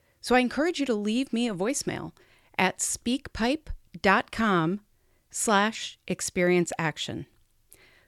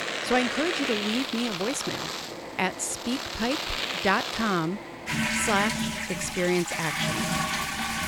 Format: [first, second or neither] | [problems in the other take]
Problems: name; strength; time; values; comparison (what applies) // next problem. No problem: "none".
first | household noises; loud; throughout; 1 dB below the speech